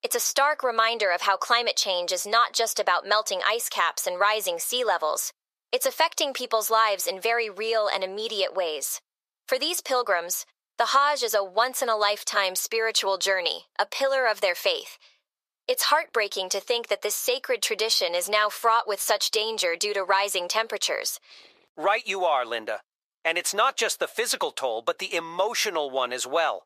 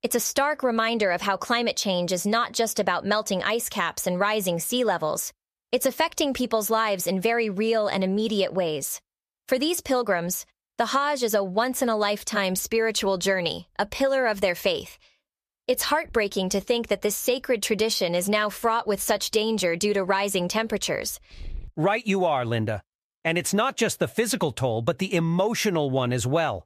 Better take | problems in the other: second | thin; very; fading below 500 Hz

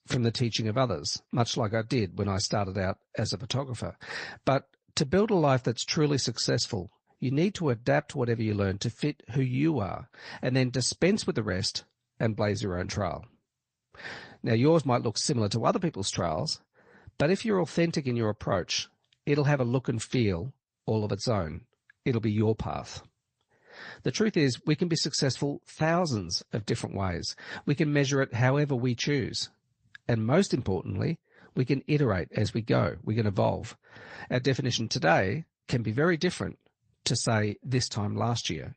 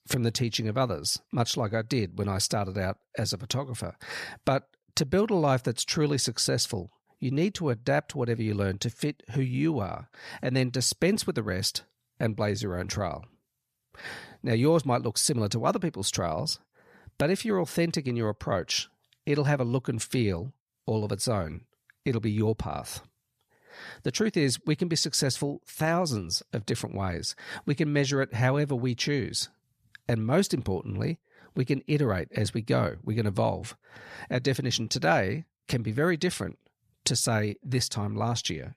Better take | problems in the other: second | garbled, watery; slightly; nothing above 8 kHz

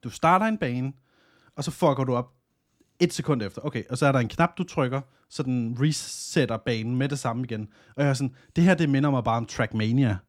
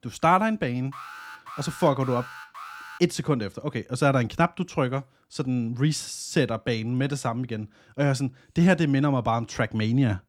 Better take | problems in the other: first | alarm; faint; from 1 to 3 s; peak 15 dB below the speech

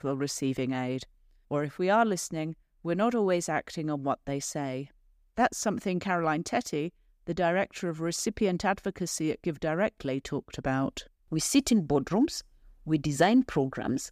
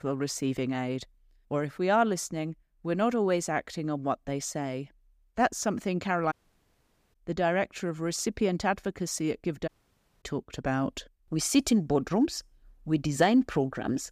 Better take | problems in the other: first | audio cutting out; at 6.5 s for 1 s and at 9.5 s for 0.5 s

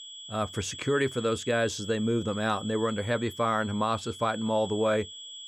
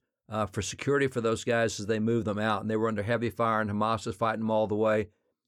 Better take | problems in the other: second | high-pitched whine; noticeable; throughout; 3.5 kHz, 10 dB below the speech

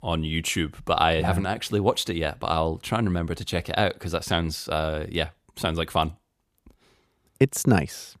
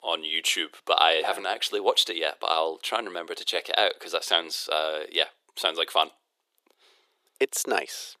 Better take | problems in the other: first | thin; very; fading below 400 Hz

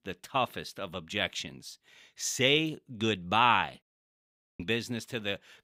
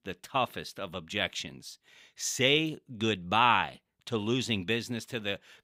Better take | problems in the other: second | audio cutting out; at 4 s for 1 s

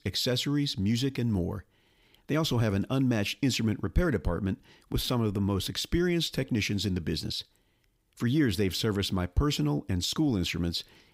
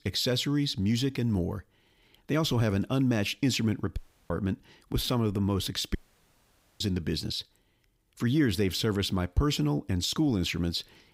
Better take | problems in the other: first | audio cutting out; at 4 s and at 6 s for 1 s

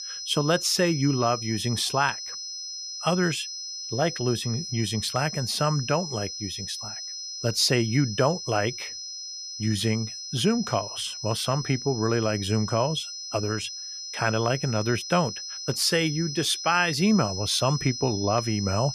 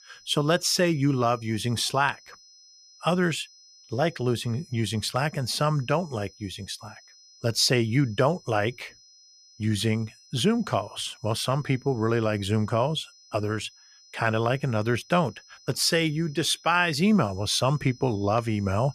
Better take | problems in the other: second | high-pitched whine; loud; throughout; 5 kHz, 7 dB below the speech; faint in the second

